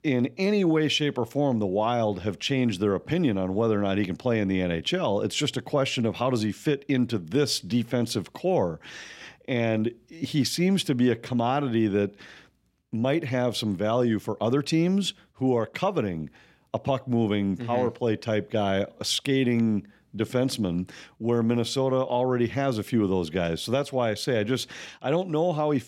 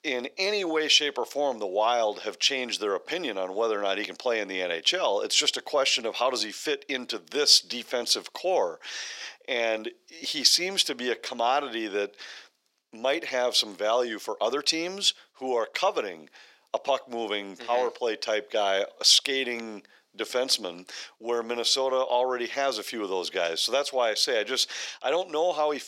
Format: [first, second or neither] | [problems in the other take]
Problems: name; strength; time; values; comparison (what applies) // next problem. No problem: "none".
first | thin; very; fading below 500 Hz